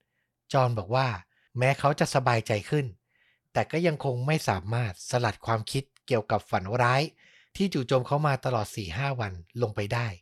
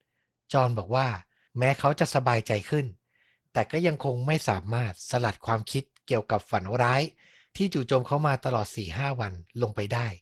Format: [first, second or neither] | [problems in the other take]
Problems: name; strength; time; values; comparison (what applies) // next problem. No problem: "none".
first | garbled, watery; slightly; nothing above 15.5 kHz